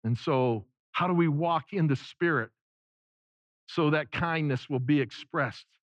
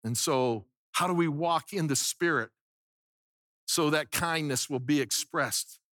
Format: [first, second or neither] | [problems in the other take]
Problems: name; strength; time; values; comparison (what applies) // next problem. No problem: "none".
second | muffled; very; fading above 3 kHz